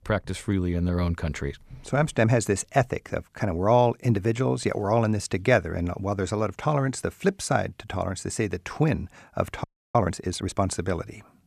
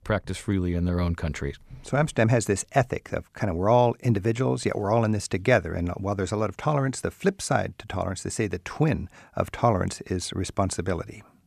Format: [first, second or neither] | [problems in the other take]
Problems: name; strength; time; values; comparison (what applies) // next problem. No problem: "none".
second | audio freezing; at 9.5 s